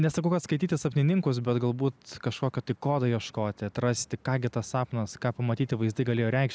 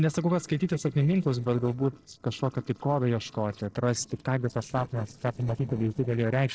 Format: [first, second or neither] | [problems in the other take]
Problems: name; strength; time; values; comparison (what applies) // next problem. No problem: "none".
first | noise reduction (neural separator model SepFormer DNS4)